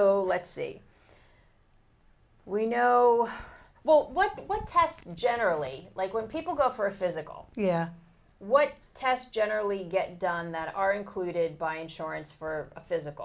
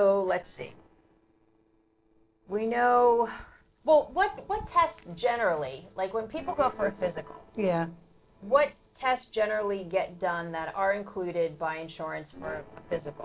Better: first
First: none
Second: noise reduction (neural separator model SepFormer DNS4)

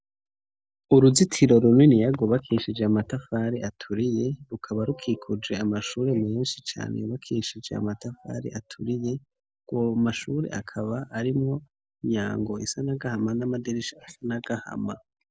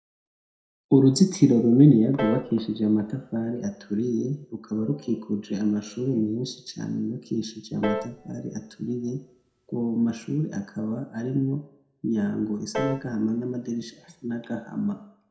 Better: first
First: none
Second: background sound (Piano); 12 dB below the speech // room echo; dies away in 0.5 s

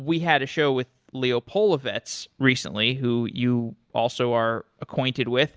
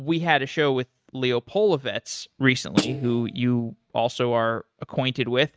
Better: first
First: none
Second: noise reduction (neural mask model RNNoise)

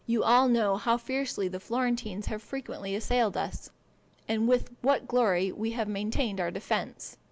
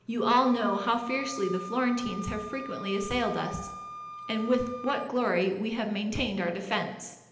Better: first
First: none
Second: background sound (Wind instrument, woodwind instrument); 13 dB below the speech // room echo; dies away in 0.9 s

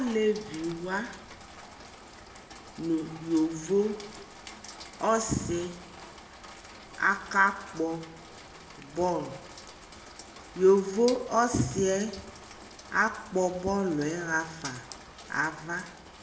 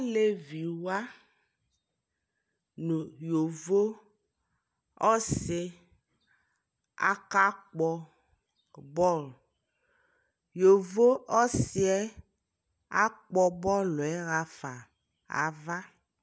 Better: second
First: background sound (Rain); 16 dB below the speech // room echo; dies away in 0.7 s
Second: none

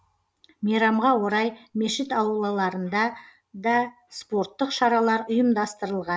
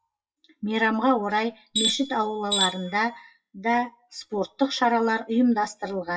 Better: first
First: none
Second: noise reduction (classical method WPE with log-MMSE)

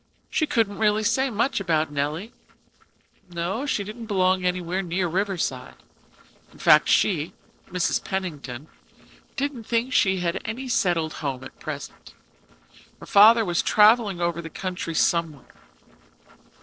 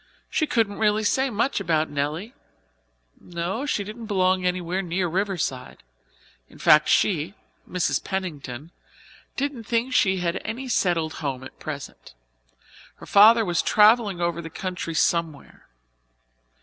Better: second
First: noise reduction (neural separator model SepFormer DNS4)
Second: none

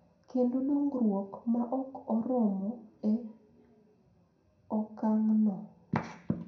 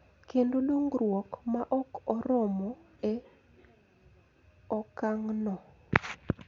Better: second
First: room echo; dies away in 0.5 s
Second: none

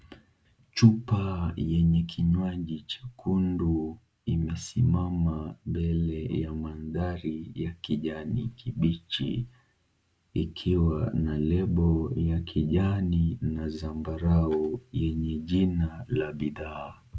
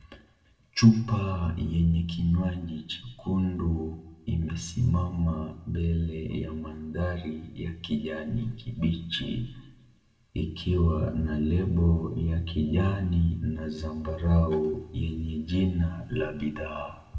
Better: first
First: none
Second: room echo; dies away in 0.9 s

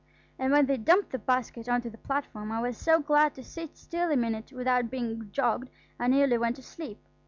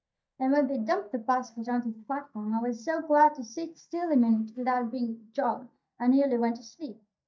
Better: first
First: none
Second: noise reduction (neural mask model DeepFilterNet 3)

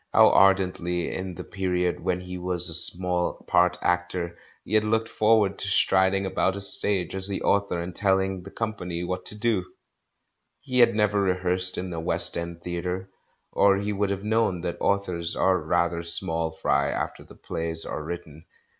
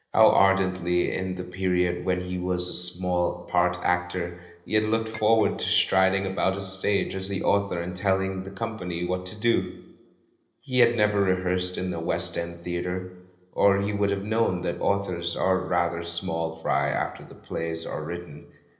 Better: first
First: none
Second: noise reduction (neural separator model SepFormer DNS4)

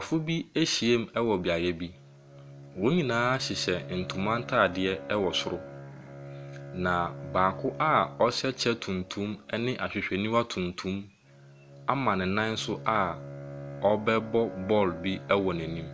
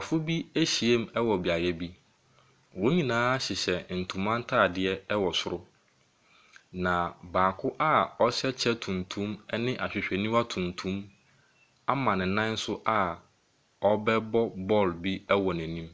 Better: second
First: background sound (Bowed string instrument); 15 dB below the speech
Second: none

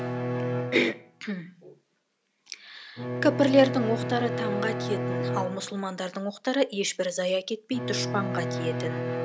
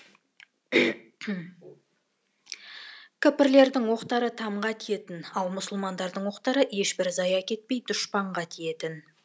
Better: second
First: background sound (Bowed string instrument); 4 dB below the speech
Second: none

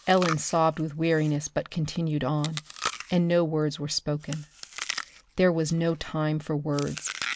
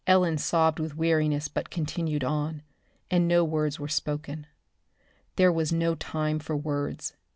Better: second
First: background sound (Chewing, mastication); 12 dB below the speech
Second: none

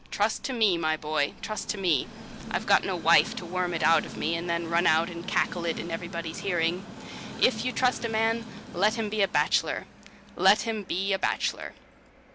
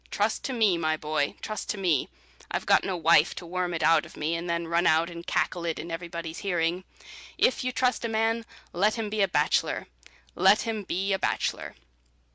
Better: second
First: background sound (Train); 13 dB below the speech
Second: none

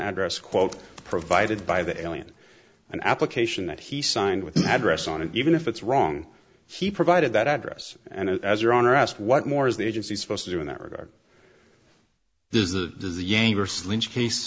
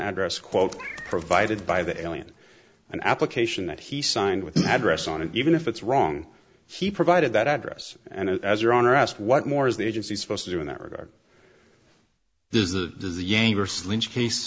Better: first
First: none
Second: background sound (Meow); 17 dB below the speech

